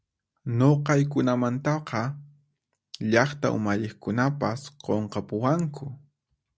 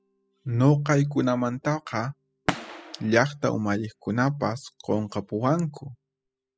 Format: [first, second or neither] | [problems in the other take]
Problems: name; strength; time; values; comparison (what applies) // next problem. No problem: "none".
first | noise reduction (classical method spectral subtraction)